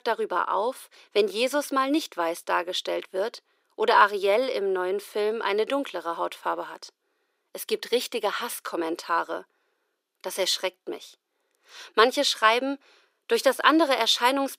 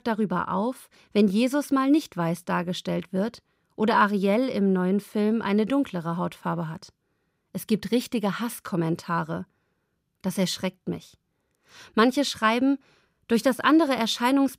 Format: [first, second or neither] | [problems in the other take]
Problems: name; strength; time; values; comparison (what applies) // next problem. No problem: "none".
second | thin; somewhat; fading below 350 Hz